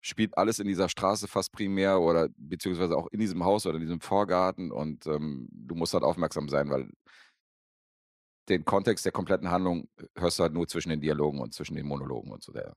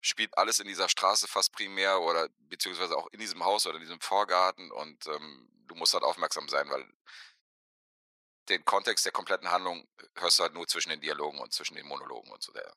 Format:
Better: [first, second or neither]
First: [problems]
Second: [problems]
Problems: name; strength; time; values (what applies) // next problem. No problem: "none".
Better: first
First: none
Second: thin; very; fading below 950 Hz